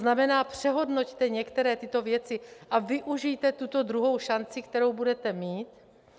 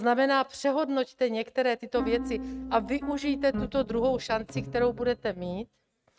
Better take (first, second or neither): first